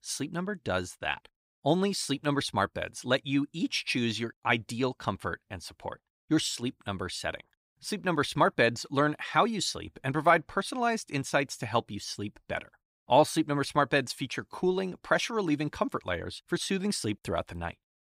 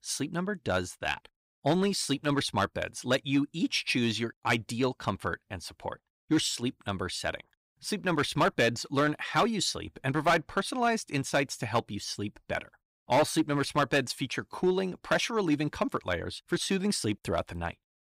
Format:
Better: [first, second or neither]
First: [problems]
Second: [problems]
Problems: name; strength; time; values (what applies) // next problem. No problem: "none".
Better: first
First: none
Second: distortion; slight; 2% of the sound clipped